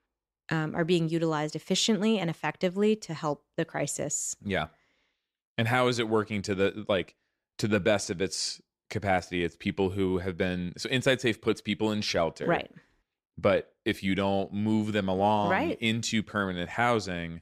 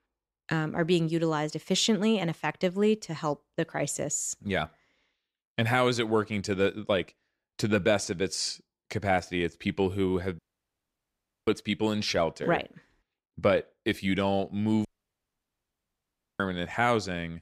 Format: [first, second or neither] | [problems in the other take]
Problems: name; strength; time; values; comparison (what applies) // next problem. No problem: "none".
first | audio cutting out; at 10 s for 1 s and at 15 s for 1.5 s